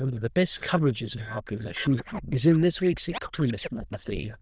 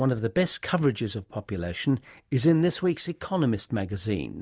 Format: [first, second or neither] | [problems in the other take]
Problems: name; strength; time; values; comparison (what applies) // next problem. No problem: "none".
second | noise reduction (neural diffusion model UNIVERSE++)